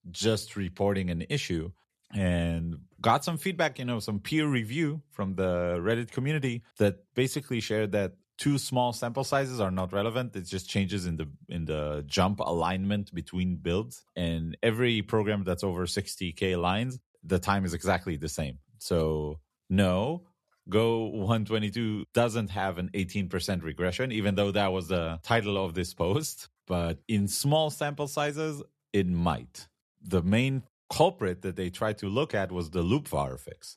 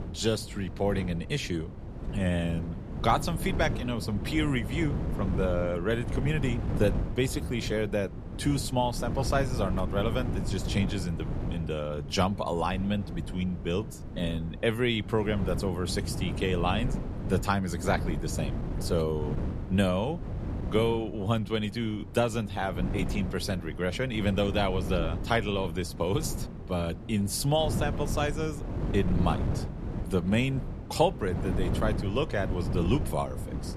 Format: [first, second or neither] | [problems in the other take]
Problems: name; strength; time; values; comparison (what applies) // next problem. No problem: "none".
first | wind noise on the microphone; occasional gusts; 10 dB below the speech